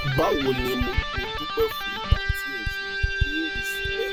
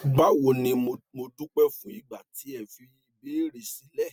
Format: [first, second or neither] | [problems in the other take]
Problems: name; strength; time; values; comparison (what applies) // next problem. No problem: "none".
second | background sound (Electric guitar + Typing); 3 dB above the speech